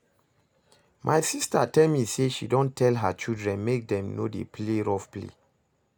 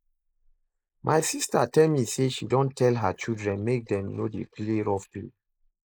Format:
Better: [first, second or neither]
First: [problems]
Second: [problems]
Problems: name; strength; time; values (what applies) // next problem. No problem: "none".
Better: first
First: none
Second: noise reduction (neural mask model Resemble Enhance denoiser)